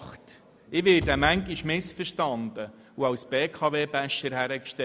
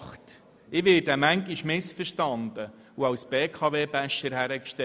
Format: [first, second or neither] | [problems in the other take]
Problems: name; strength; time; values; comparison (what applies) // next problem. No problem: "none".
second | background sound (Bass drum / Thump, thud); 11 dB below the speech